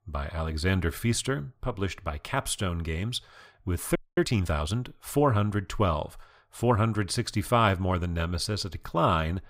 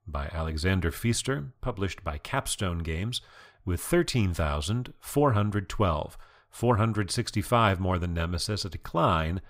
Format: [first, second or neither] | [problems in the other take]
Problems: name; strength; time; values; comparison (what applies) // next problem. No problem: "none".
second | audio freezing; at 4 s